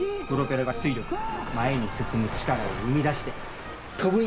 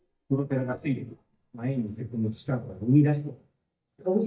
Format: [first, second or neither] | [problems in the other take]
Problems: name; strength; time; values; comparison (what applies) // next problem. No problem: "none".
first | noise reduction (neural mask model DeepFilterNet 3)